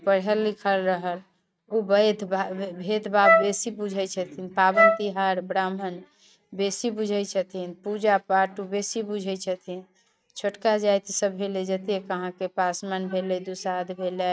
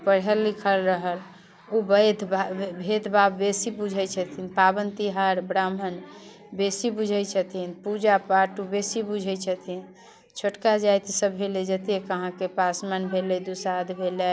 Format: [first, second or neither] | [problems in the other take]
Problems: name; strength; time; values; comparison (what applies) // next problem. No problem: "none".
second | noise reduction (neural mask model RNNoise)